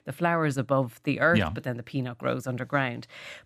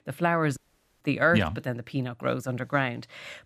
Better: first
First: none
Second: audio cutting out; at 0.5 s

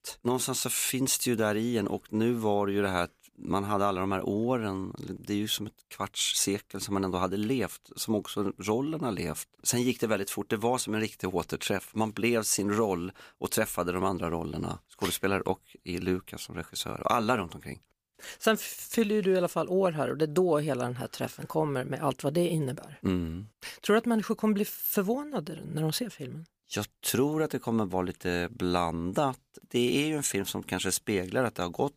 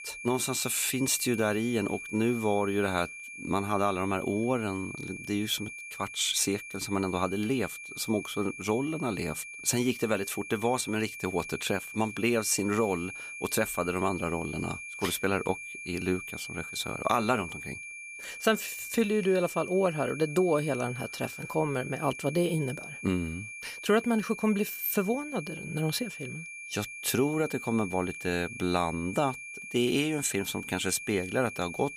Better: first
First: none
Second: high-pitched whine; loud; throughout; 2.5 kHz, 10 dB below the speech

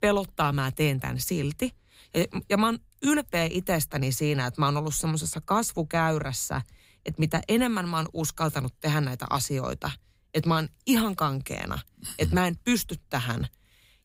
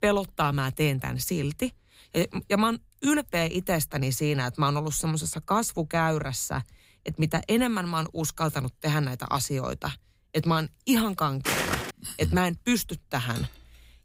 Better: first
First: none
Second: footsteps; loud; at 11 s; peak 1 dB above the speech // clattering dishes; faint; at 13 s; peak 15 dB below the speech

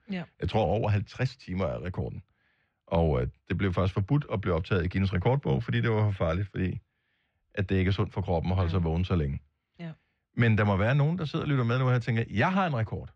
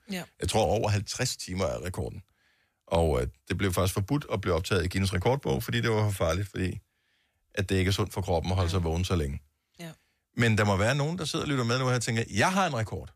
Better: second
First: muffled; slightly; fading above 3 kHz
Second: none

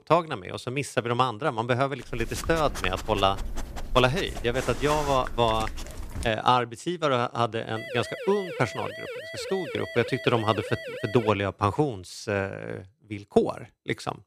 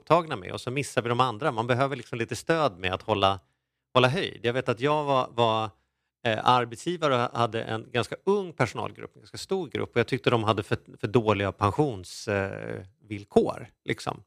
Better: second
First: dog barking; noticeable; from 2 to 6.5 s; peak 7 dB below the speech // siren; noticeable; from 8 to 11 s; peak 9 dB below the speech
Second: none

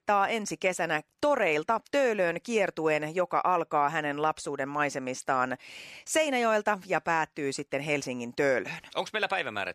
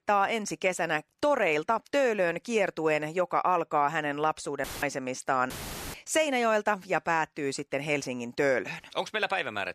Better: first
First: none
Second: audio cutting out; filled with static; at 4.5 s and at 5.5 s

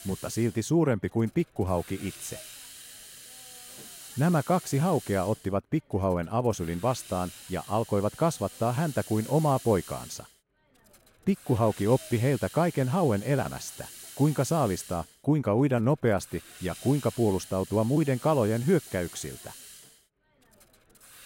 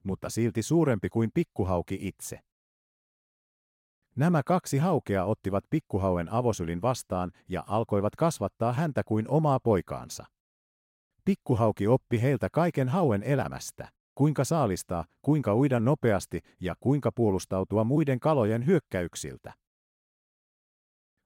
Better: second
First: hiss; noticeable; throughout; 15 dB below the speech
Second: none

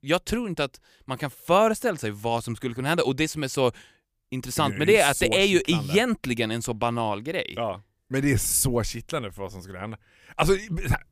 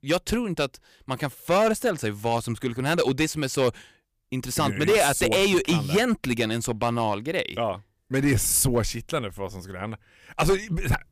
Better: first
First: none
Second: distortion; slight; 4% of the sound clipped

